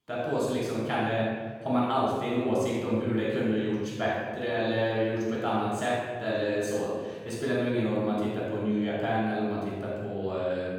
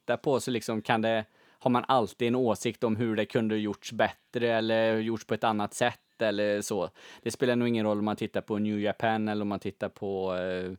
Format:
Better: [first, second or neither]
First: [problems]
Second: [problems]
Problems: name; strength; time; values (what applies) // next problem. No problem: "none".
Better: second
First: room echo; strong; dies away in 1.8 s // off-mic speech; far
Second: none